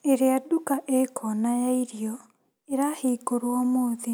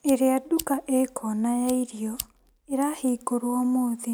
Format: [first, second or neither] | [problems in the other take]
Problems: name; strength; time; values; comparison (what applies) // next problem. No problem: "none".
first | background sound (Fire); 18 dB below the speech